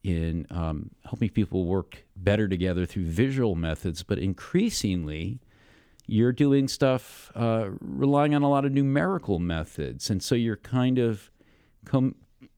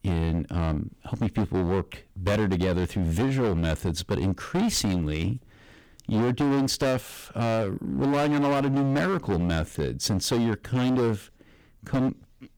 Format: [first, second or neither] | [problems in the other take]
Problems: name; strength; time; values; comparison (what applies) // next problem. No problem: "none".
first | distortion; heavy; 20% of the sound clipped